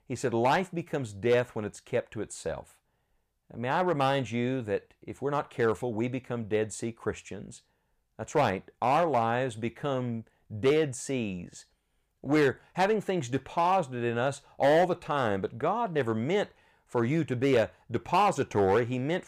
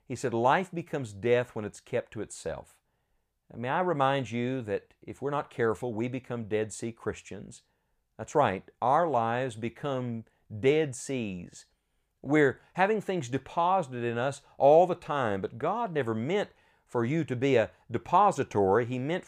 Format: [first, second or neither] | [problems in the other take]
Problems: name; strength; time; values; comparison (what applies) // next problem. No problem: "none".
second | distortion; slight; 3% of the sound clipped